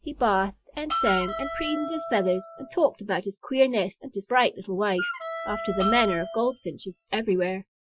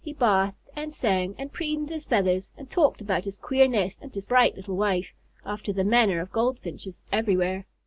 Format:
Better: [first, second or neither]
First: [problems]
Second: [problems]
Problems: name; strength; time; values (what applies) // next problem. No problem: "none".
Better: second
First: noise reduction (classical method Wiener filter)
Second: none